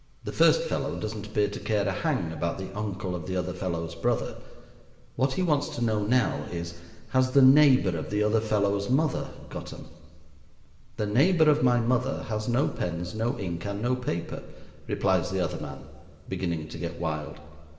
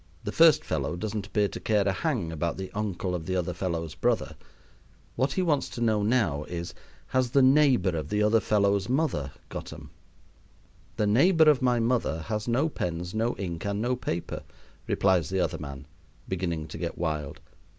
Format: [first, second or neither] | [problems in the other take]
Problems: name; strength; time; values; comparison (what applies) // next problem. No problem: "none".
second | room echo; dies away in 2 s